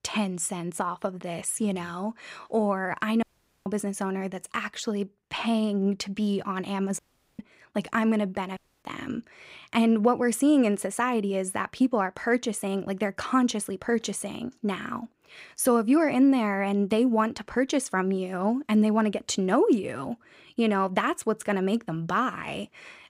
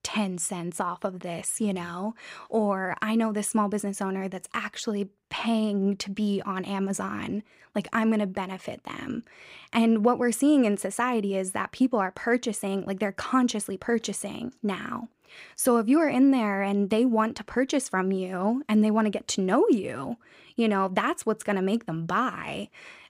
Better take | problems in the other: second | audio cutting out; at 3 s, at 7 s and at 8.5 s

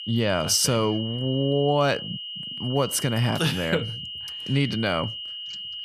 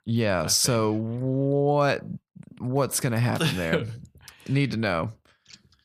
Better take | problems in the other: second | high-pitched whine; loud; throughout; 3 kHz, 8 dB below the speech

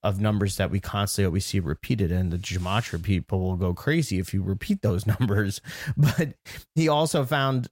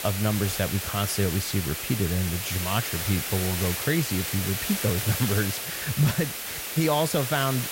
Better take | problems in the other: first | hiss; loud; throughout; 3 dB below the speech

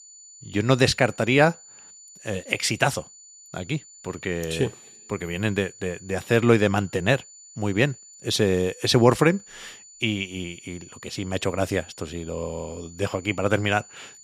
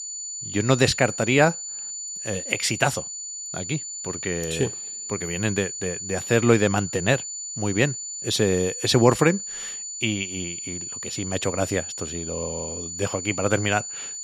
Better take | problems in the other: first | high-pitched whine; loud; throughout; 7 kHz, 7 dB below the speech; faint in the first

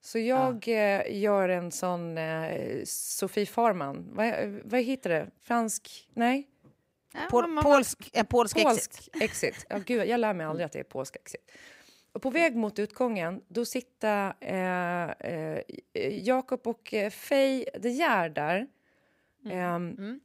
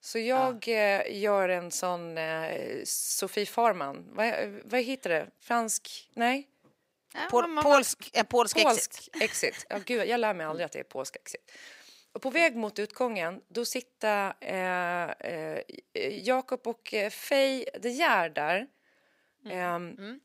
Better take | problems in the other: first | thin; very slightly; fading below 500 Hz

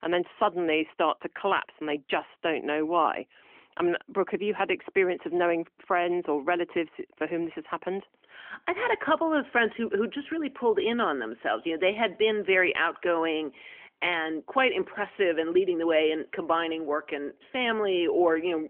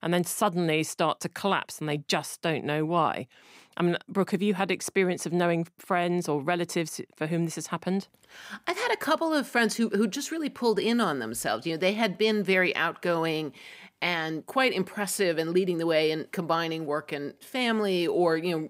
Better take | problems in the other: second | phone-call audio; nothing above 3.5 kHz

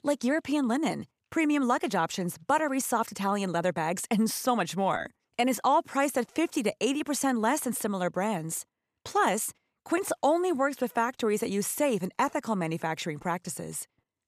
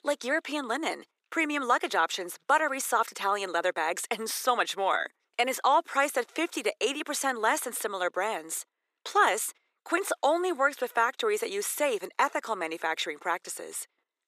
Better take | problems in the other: first | thin; somewhat; fading below 350 Hz

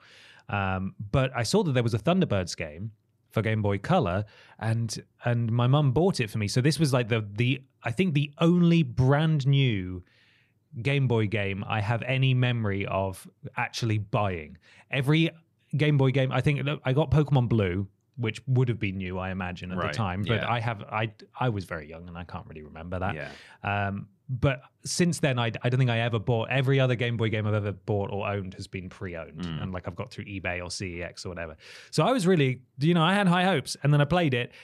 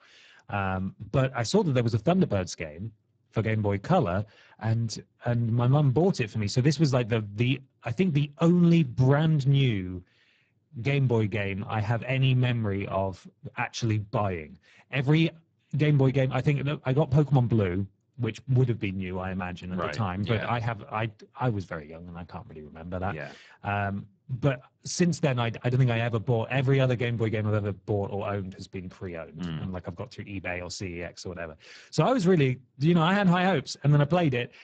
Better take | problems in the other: first | garbled, watery; badly; nothing above 7.5 kHz

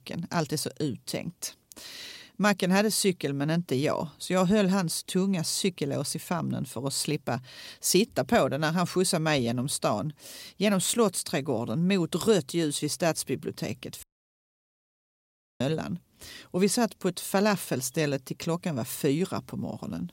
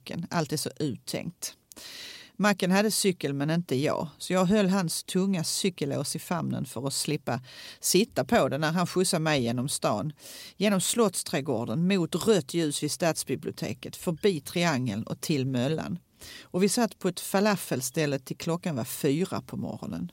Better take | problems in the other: second | audio cutting out; at 14 s for 1.5 s

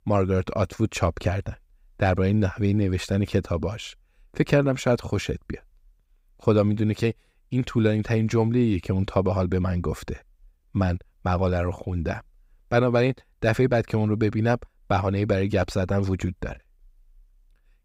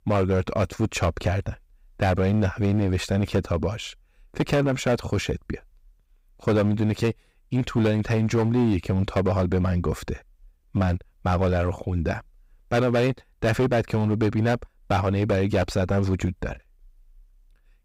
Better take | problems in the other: first | distortion; slight; 8% of the sound clipped

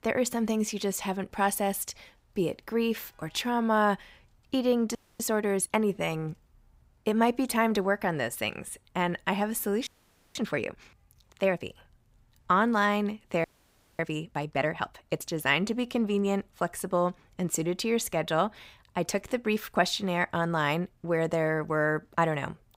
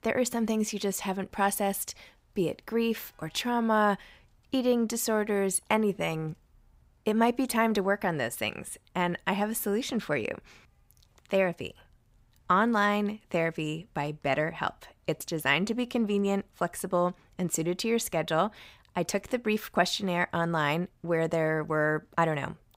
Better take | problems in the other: second | audio freezing; at 5 s, at 10 s and at 13 s for 0.5 s

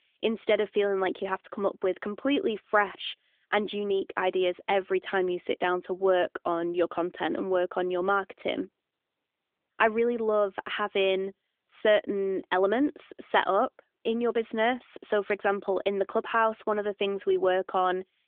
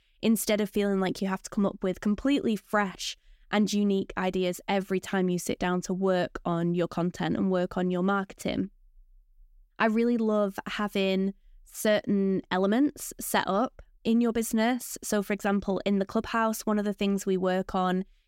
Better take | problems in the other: second | phone-call audio; nothing above 3.5 kHz

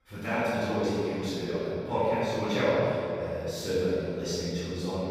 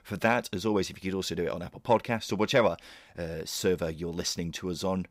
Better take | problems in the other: second | off-mic speech; far // room echo; strong; dies away in 2.7 s

